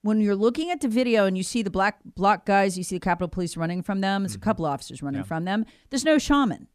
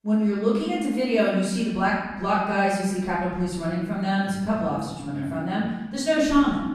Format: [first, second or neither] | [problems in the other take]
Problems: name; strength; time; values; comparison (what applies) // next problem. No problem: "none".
first | room echo; noticeable; dies away in 1.1 s // off-mic speech; far